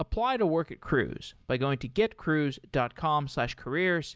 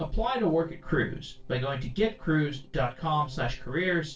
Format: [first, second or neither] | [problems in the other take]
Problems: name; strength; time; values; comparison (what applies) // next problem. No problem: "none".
first | noise reduction (neural separator model SepFormer DNS4)